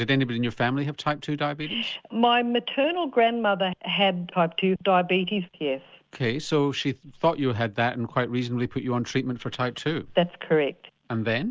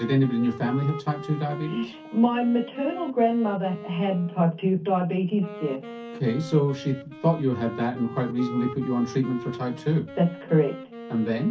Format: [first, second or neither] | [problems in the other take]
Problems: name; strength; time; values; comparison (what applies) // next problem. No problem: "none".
first | background sound (Wind instrument, woodwind instrument); 14 dB below the speech // room echo; dies away in 0.3 s